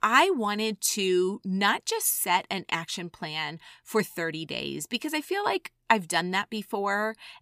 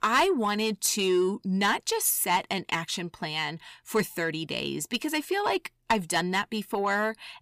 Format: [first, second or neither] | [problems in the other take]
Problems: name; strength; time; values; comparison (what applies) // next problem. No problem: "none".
first | distortion; slight; 10 dB below the speech